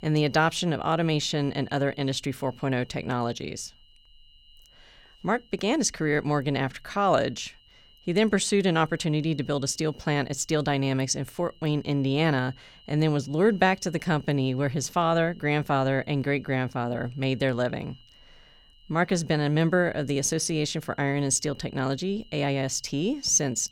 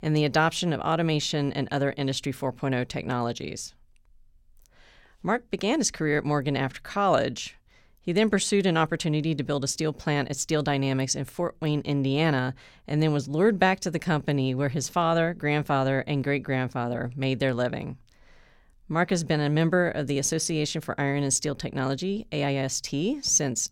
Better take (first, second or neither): second